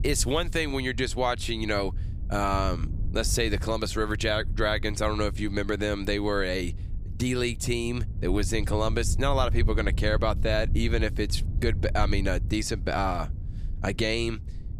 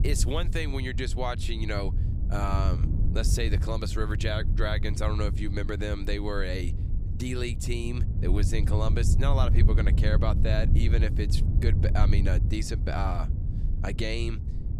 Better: first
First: low rumble; faint; throughout; 20 dB below the speech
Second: low rumble; loud; throughout; 9 dB below the speech

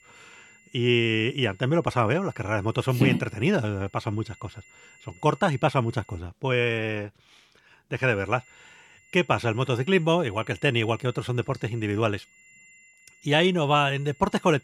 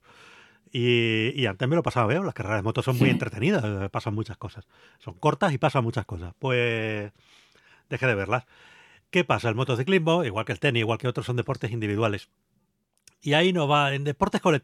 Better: second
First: high-pitched whine; faint; until 6 s and from 8 s on; 2 kHz, 30 dB below the speech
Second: none

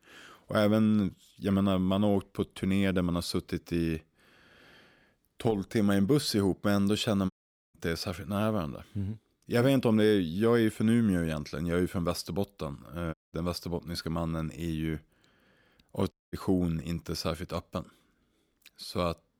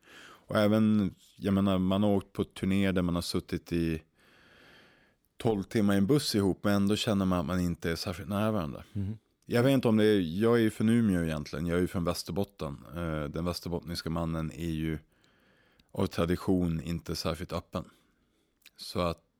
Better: second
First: audio cutting out; at 7.5 s, at 13 s and at 16 s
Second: none

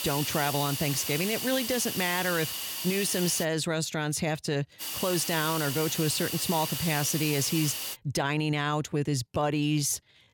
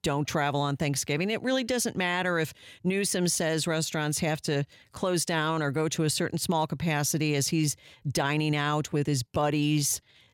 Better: second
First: hiss; loud; until 3.5 s and from 5 to 8 s; 3 dB below the speech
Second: none

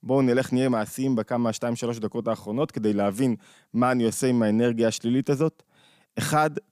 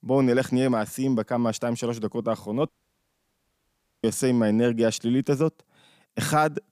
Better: first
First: none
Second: audio cutting out; at 2.5 s for 1.5 s

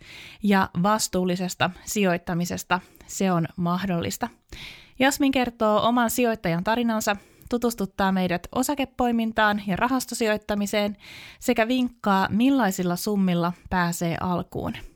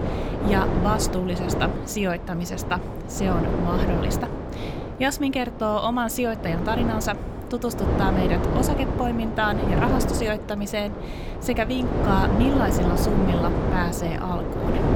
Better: first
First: none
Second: wind noise on the microphone; heavy; 2 dB below the speech

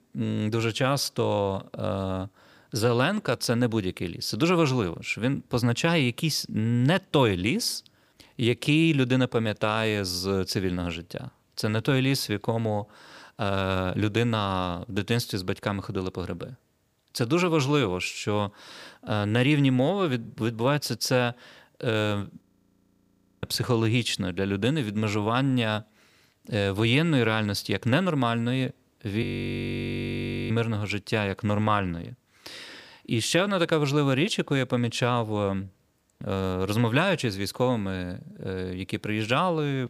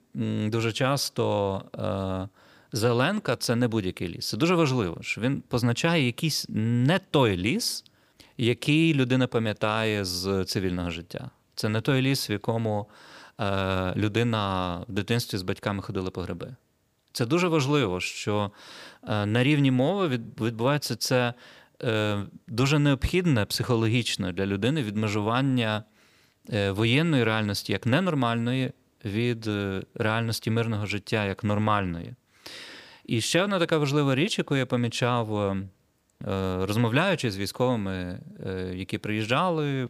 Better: second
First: audio freezing; at 22 s for 1 s and at 29 s for 1.5 s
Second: none

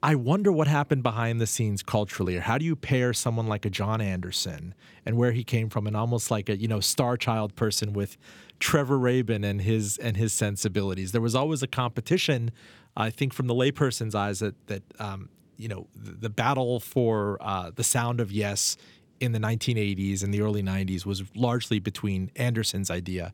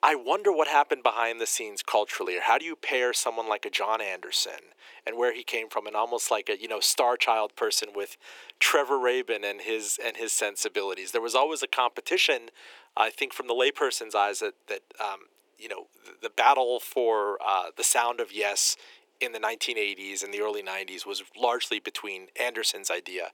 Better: first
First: none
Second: thin; very; fading below 350 Hz

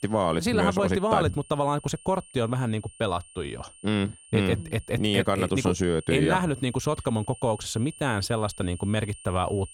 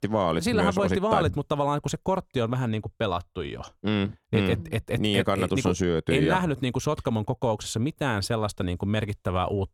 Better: second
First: high-pitched whine; noticeable; throughout; 9 kHz, 20 dB below the speech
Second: none

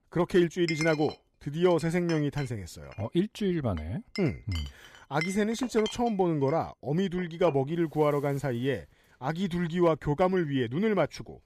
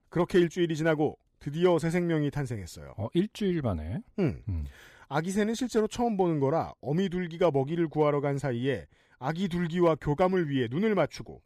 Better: second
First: household noises; noticeable; throughout; 15 dB below the speech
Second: none

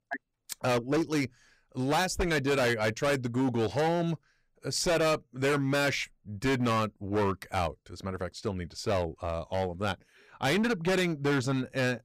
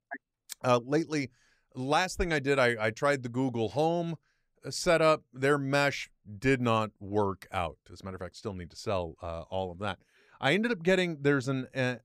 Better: second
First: distortion; heavy; 13% of the sound clipped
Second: none

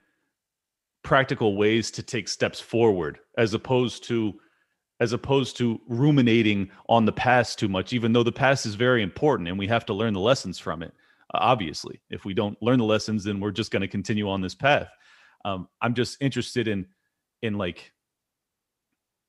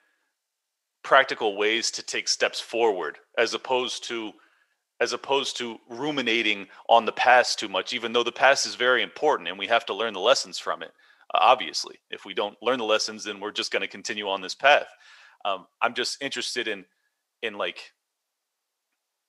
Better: first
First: none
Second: thin; very; fading below 650 Hz

